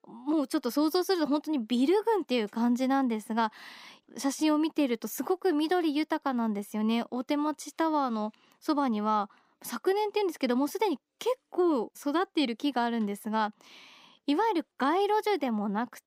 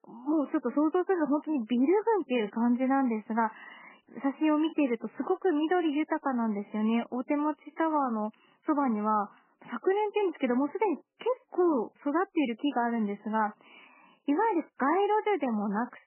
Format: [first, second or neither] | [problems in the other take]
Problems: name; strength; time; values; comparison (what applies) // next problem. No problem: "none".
first | garbled, watery; badly; nothing above 3 kHz